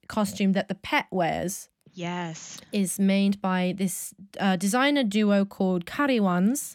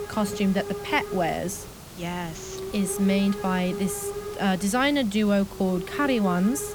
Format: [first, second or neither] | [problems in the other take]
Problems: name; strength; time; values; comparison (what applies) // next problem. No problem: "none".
first | hiss; noticeable; throughout; 10 dB below the speech